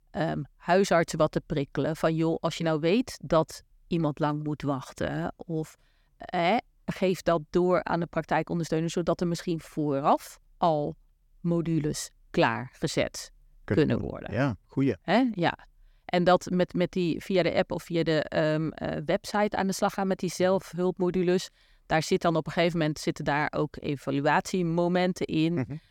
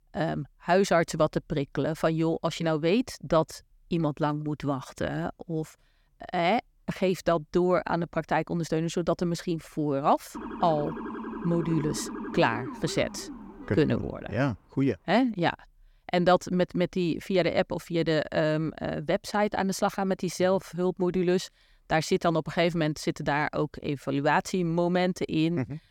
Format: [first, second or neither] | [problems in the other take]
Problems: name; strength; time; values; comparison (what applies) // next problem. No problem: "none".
first | siren; noticeable; from 10 to 14 s; peak 8 dB below the speech